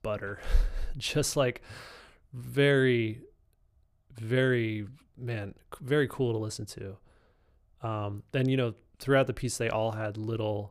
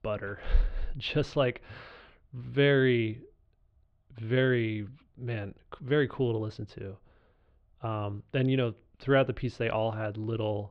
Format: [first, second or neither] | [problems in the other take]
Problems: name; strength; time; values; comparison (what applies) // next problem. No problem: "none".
first | muffled; slightly; fading above 3.5 kHz